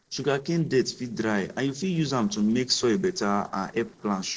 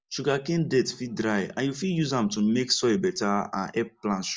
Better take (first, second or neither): second